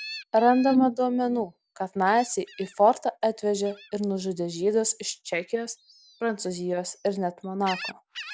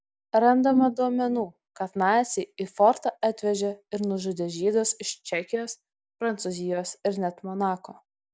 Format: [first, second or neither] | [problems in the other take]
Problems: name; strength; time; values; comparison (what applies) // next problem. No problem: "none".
second | background sound (Gull, seagull); 19 dB below the speech